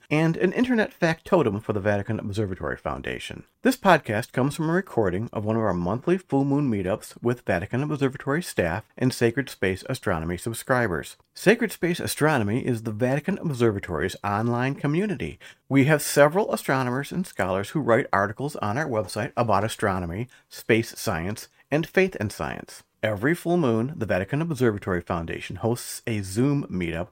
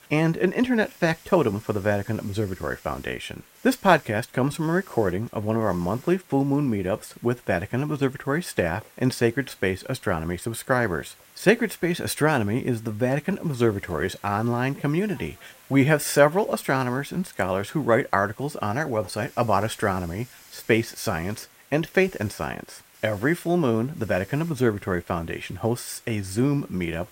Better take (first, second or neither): first